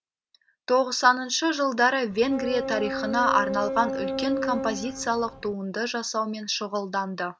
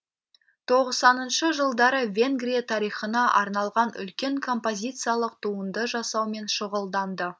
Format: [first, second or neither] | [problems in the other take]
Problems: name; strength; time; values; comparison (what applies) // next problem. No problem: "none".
second | background sound (Boat, Water vehicle); 5 dB below the speech